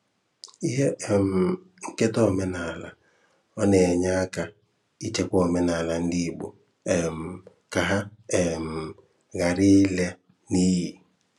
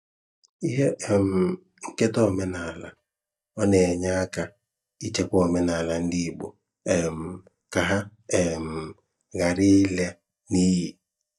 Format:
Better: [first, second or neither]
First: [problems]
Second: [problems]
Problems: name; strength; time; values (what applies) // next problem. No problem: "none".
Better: first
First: none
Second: noise reduction (neural mask model DeepFilterNet 3)